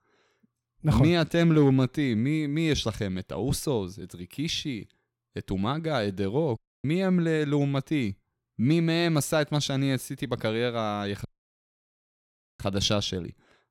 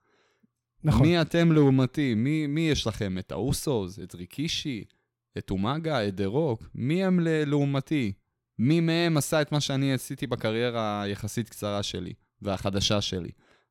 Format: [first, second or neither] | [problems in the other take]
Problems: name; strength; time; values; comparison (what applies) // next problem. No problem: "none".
second | audio cutting out; at 6.5 s and at 11 s for 1.5 s